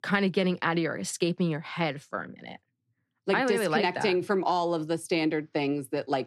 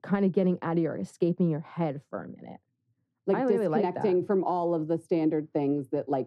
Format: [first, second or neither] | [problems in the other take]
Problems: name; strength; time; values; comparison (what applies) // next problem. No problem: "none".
first | muffled; very; fading above 1.5 kHz